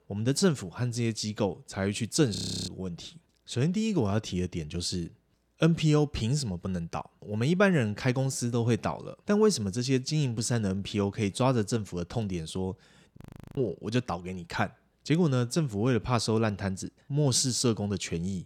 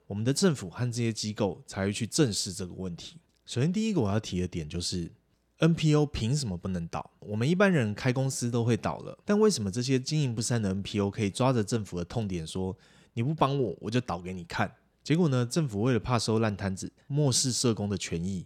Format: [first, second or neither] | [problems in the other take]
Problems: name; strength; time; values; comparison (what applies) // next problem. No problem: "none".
second | audio freezing; at 2.5 s and at 13 s